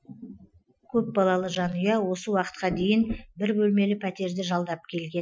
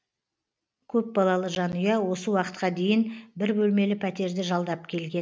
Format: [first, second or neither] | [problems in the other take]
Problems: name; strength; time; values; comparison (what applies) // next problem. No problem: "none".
second | noise reduction (classical method Wiener filter)